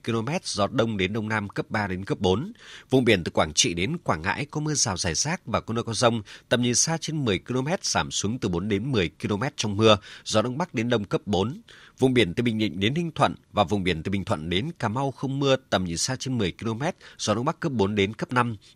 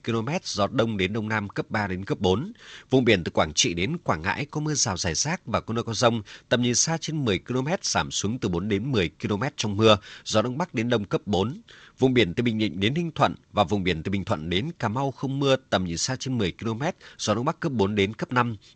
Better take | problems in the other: first | garbled, watery; slightly

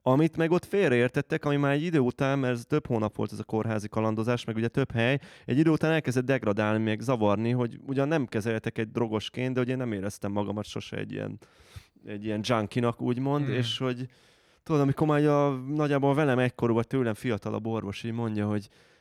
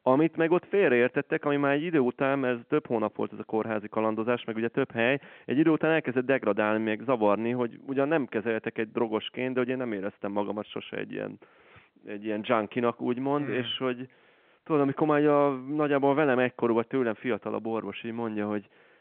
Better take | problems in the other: first | phone-call audio

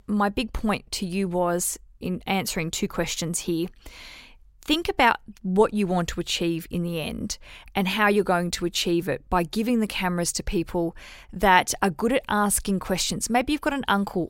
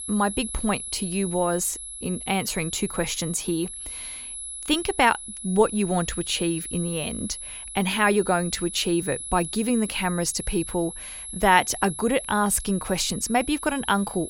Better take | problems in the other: first | high-pitched whine; loud; throughout; 11 kHz, 9 dB below the speech

